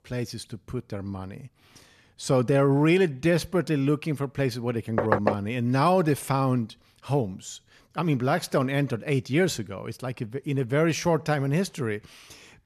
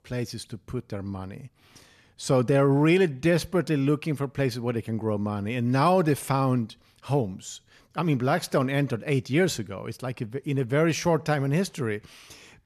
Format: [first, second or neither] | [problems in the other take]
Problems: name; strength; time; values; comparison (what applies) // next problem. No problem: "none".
second | door banging; loud; at 5 s; peak 1 dB above the speech